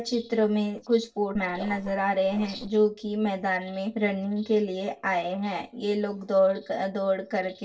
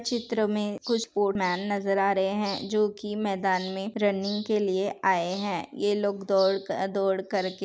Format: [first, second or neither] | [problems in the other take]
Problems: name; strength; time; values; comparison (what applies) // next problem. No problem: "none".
second | noise reduction (neural separator model SepFormer DNS4)